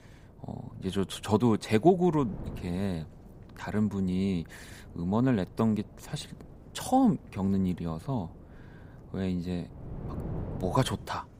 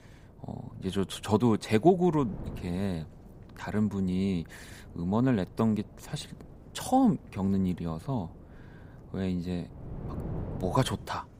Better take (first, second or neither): neither